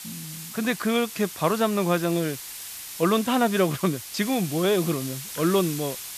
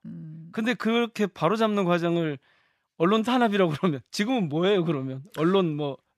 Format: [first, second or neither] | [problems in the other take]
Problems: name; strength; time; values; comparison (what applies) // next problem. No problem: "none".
second | hiss; noticeable; throughout; 10 dB below the speech